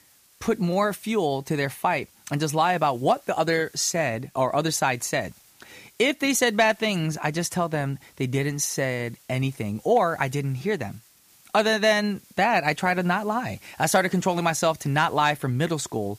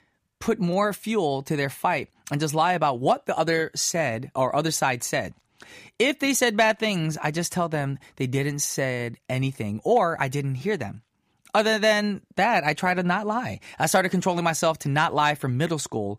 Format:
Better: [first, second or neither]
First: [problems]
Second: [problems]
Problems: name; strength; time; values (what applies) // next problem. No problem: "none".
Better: second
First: hiss; faint; throughout; 30 dB below the speech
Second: none